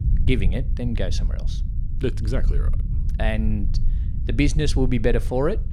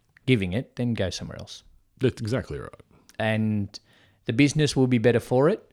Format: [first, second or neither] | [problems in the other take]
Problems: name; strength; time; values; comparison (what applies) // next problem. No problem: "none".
second | low rumble; noticeable; throughout; 15 dB below the speech